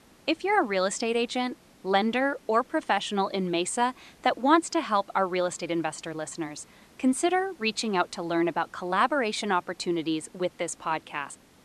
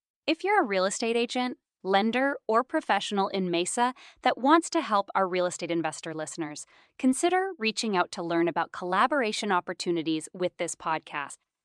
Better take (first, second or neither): second